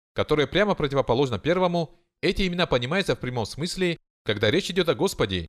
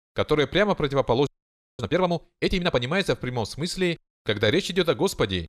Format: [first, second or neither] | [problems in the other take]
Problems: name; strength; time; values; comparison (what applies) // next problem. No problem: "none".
first | audio freezing; at 1.5 s for 0.5 s